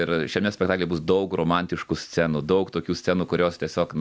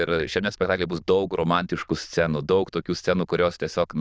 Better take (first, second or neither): first